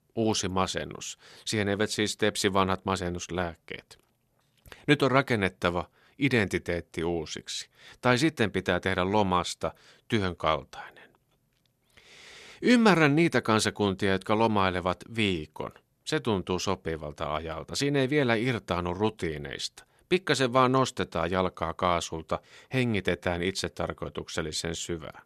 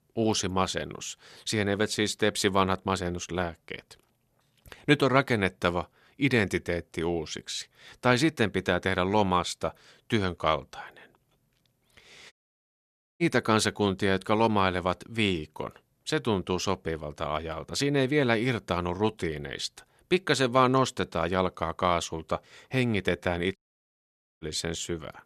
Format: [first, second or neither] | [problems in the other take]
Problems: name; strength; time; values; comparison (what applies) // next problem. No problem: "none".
first | audio cutting out; at 12 s for 1 s and at 24 s for 1 s